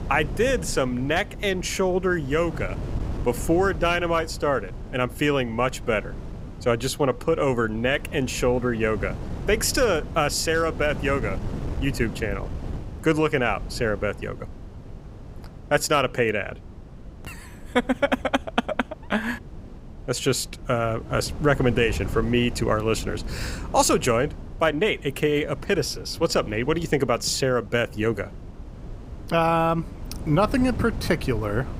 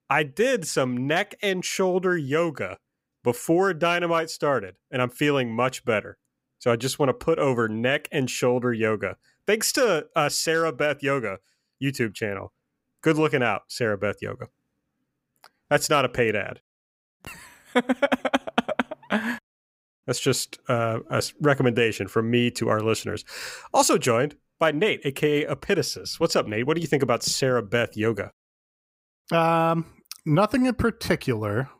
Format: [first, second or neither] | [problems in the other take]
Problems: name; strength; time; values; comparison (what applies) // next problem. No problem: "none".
second | wind noise on the microphone; occasional gusts; 20 dB below the speech